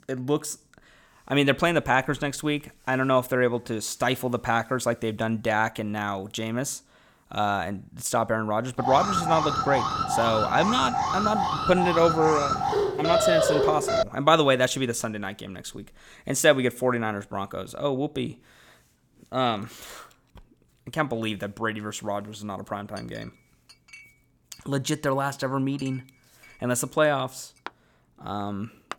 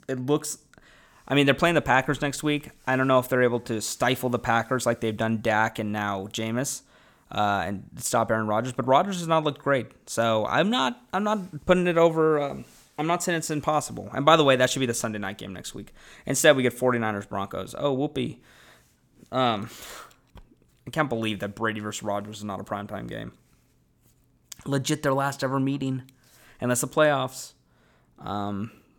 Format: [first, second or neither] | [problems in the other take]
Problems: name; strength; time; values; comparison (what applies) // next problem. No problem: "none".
second | alarm; loud; from 9 to 14 s; peak 5 dB above the speech // clattering dishes; faint; from 23 s on; peak 15 dB below the speech